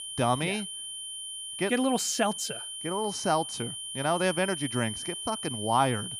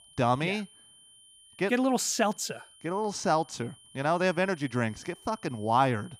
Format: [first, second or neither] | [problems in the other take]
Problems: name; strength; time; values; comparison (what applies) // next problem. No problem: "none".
second | high-pitched whine; loud; throughout; 3 kHz, 6 dB below the speech; faint in the second